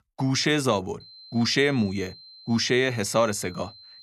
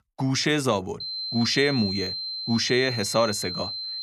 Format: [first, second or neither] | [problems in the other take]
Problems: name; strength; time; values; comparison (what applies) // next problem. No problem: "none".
first | high-pitched whine; loud; from 1 s on; 4 kHz, 5 dB below the speech; faint in the first